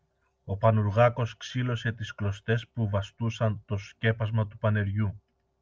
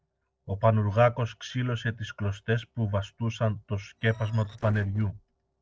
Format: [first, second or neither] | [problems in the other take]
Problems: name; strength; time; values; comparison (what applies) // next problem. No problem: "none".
first | noise reduction (neural separator model SepFormer DNS4)